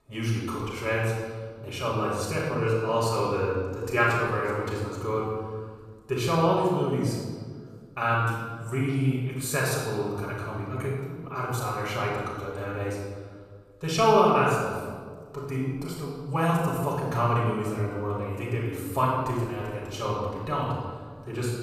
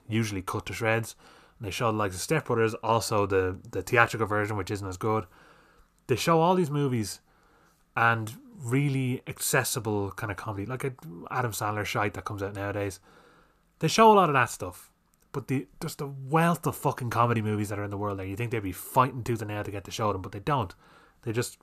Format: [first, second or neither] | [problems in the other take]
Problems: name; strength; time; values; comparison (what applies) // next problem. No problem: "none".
second | room echo; noticeable; dies away in 1.5 s // off-mic speech; far